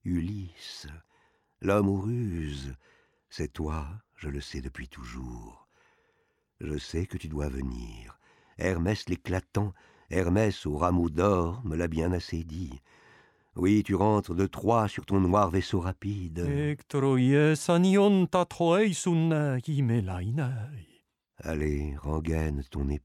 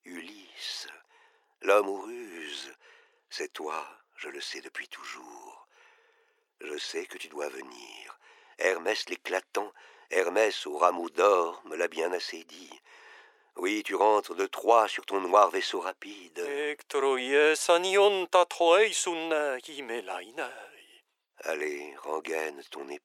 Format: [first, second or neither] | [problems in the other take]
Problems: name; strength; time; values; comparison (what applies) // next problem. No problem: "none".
first | thin; very; fading below 400 Hz